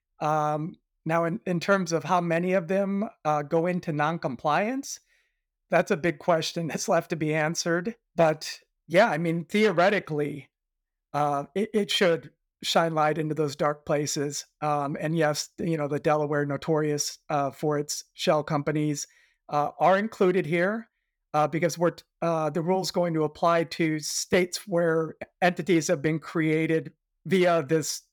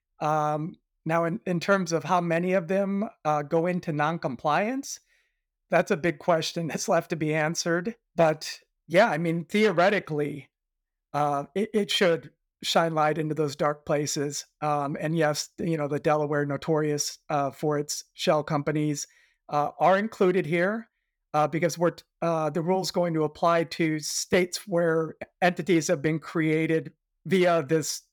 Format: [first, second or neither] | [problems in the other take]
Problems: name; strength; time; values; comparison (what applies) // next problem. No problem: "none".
neither | none